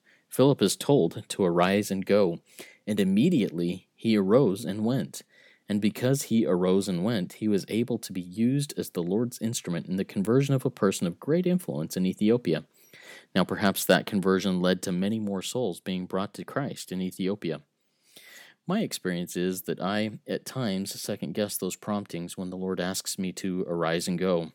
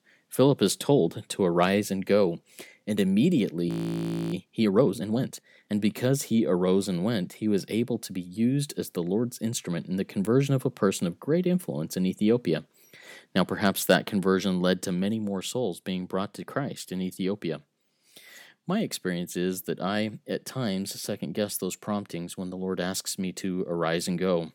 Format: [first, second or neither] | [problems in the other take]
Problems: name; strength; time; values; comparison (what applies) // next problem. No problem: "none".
first | audio freezing; at 3.5 s for 0.5 s